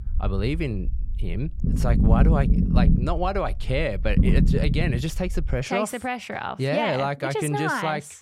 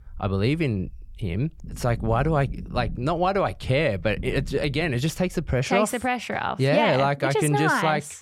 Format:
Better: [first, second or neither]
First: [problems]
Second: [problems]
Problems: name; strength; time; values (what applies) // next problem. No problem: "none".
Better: second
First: low rumble; loud; until 5.5 s; 6 dB below the speech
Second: low rumble; faint; until 5.5 s; 25 dB below the speech